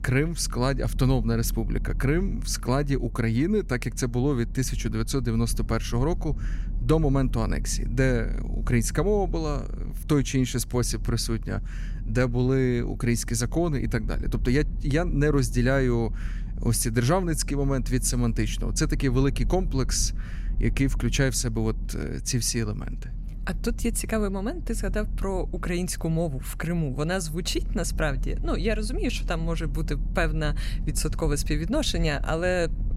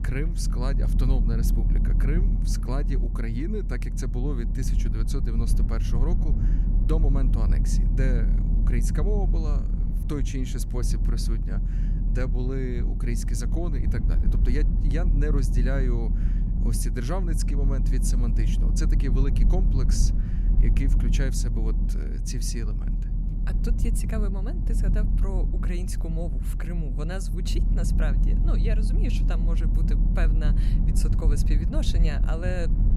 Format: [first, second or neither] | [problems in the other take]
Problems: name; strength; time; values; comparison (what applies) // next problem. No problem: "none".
first | low rumble; loud; throughout; 4 dB below the speech; faint in the first